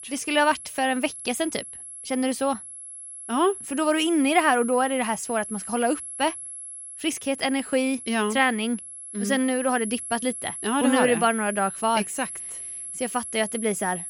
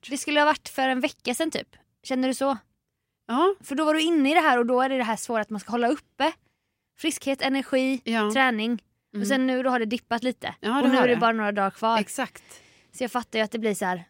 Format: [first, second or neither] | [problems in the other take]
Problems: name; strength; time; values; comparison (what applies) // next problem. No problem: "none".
second | high-pitched whine; loud; throughout; 11 kHz, 9 dB below the speech